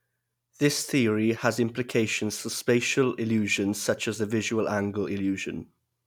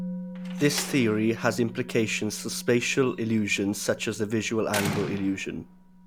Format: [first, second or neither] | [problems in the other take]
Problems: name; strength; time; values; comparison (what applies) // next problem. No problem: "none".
first | background sound (Slam + Musical instrument); 10 dB below the speech